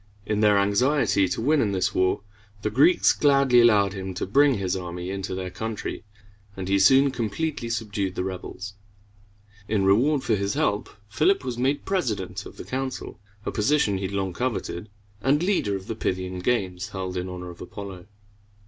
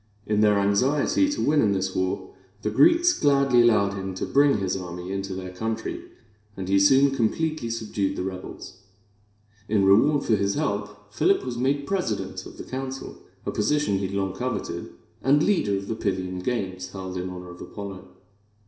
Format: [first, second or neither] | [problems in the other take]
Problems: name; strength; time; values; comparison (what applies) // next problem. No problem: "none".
first | room echo; dies away in 0.7 s